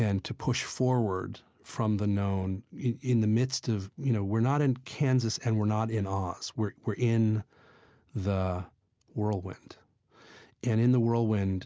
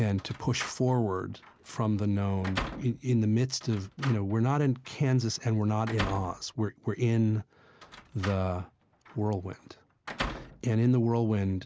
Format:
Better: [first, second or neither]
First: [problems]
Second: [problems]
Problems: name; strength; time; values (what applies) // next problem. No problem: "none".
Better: first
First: none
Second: background sound (Slam); 13 dB below the speech